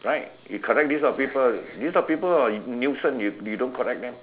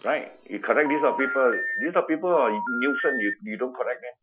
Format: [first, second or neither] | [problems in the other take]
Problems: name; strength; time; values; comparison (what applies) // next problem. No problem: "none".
first | noise reduction (classical method Wiener filter)